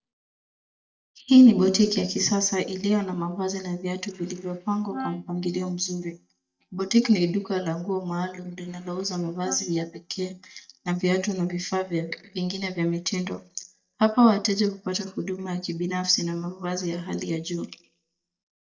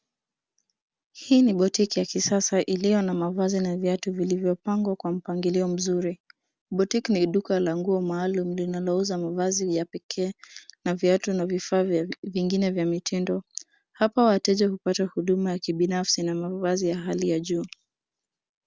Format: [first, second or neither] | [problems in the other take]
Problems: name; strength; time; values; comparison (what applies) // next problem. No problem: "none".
second | noise reduction (neural mask model DeepFilterNet 3)